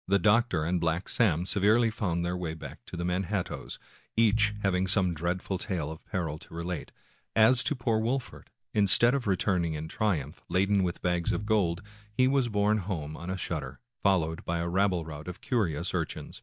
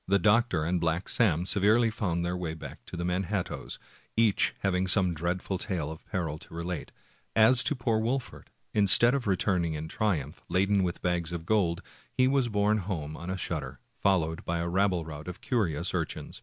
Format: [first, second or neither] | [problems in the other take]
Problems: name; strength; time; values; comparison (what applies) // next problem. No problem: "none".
second | noise reduction (neural mask model DeepFilterNet 3)